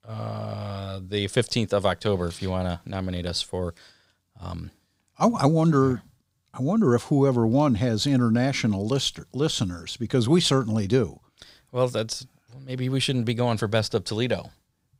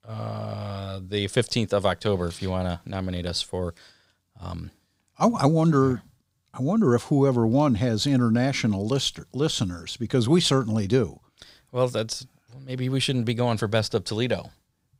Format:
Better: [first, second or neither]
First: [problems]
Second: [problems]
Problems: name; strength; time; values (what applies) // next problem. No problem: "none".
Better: neither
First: none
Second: none